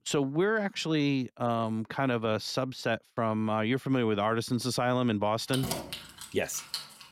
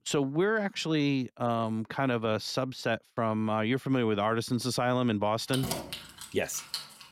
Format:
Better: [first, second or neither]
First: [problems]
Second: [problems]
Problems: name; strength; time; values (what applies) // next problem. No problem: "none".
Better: neither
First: jangling keys; noticeable; from 5.5 s on; peak 4 dB below the speech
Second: jangling keys; noticeable; from 5.5 s on; peak 4 dB below the speech